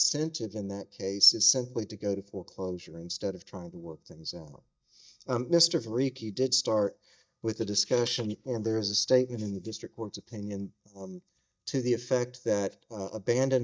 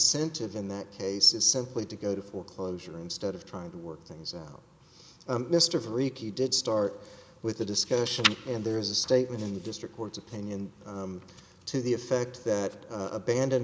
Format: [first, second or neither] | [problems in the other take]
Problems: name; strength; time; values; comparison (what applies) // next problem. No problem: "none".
second | noise reduction (neural mask model DeepFilterNet 3)